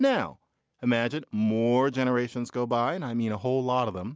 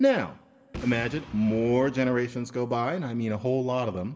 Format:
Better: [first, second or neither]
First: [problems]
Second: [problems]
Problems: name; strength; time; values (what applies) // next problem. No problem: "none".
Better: first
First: none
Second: background sound (Boom); 18 dB below the speech // room echo; dies away in 0.9 s